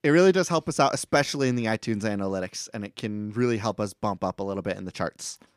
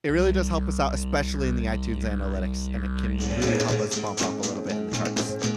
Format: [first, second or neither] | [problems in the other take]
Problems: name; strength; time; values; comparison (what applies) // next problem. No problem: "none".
first | background music; very loud; throughout; 2 dB above the speech